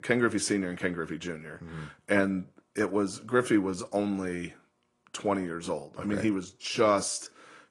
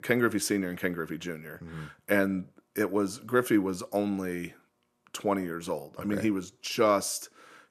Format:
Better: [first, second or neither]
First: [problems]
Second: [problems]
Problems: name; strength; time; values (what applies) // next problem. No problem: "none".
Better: second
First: garbled, watery; slightly; nothing above 9.5 kHz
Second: none